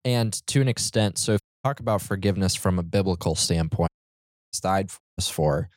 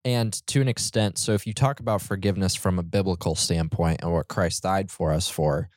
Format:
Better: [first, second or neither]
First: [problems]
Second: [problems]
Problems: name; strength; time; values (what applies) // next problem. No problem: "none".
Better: second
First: audio cutting out; at 1.5 s, at 4 s for 0.5 s and at 5 s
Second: none